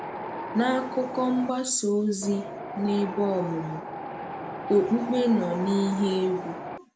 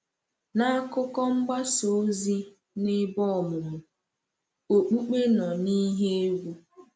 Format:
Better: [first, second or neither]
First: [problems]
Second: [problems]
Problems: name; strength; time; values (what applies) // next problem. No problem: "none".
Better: second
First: background sound (Wind); 9 dB below the speech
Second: none